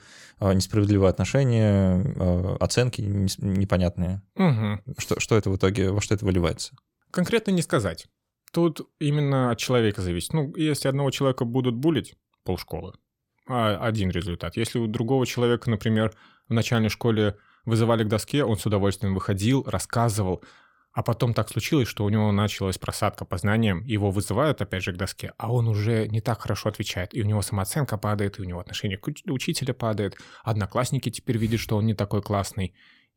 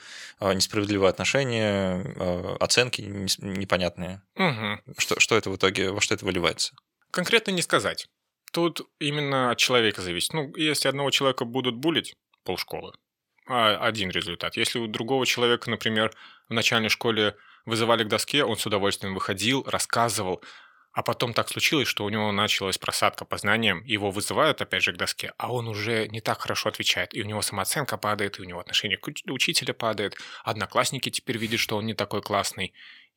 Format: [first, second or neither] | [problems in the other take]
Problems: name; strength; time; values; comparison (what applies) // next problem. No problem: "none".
first | thin; somewhat; fading below 1 kHz